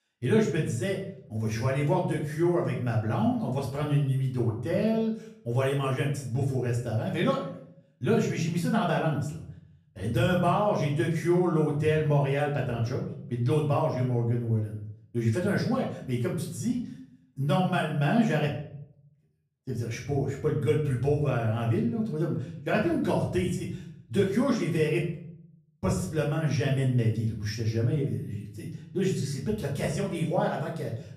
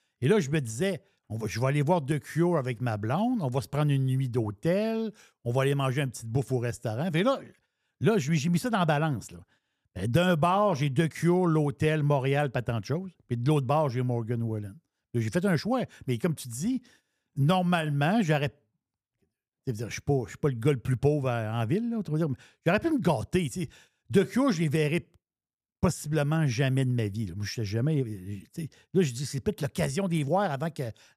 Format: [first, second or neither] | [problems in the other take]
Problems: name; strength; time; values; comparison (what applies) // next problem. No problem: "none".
second | off-mic speech; far // room echo; slight; dies away in 0.5 s